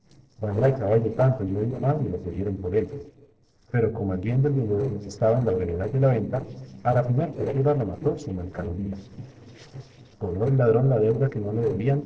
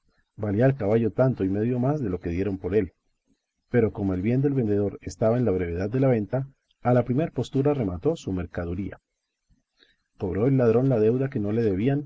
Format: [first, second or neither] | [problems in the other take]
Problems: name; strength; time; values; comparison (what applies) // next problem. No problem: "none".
second | noise reduction (neural separator model SepFormer DNS4)